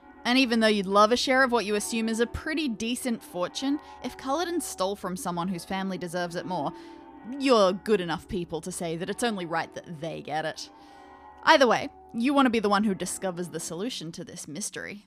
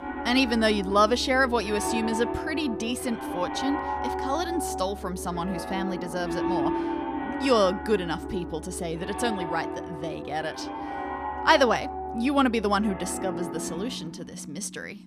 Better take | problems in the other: first | background music; loud; throughout; 6 dB below the speech; faint in the first

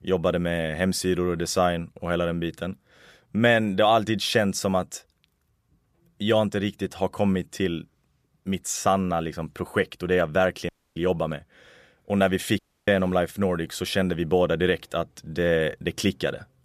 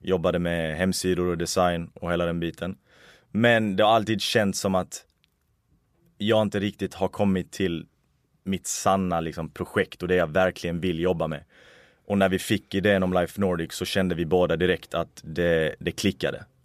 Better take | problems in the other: second | audio cutting out; at 11 s and at 13 s

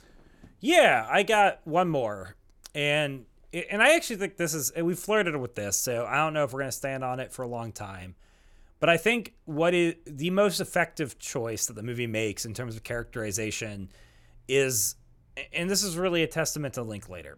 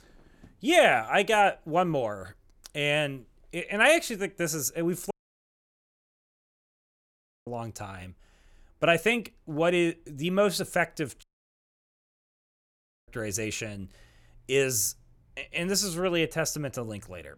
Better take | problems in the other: first | audio cutting out; at 5 s for 2.5 s and at 11 s for 2 s

